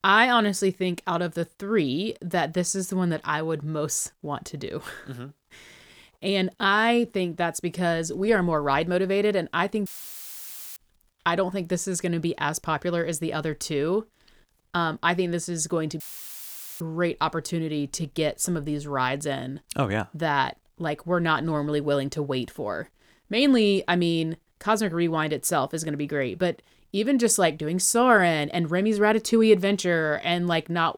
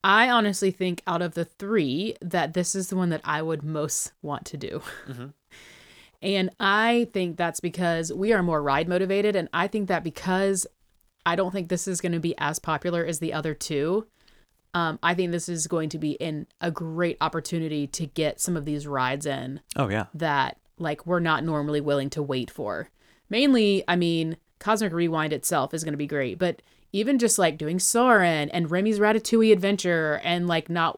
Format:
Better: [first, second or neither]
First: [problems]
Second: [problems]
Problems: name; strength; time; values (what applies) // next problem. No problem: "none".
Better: second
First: audio cutting out; filled with static; at 10 s for 1 s and at 16 s for 1 s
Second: none